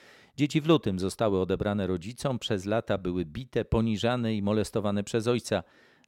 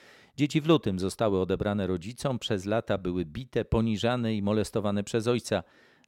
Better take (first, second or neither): neither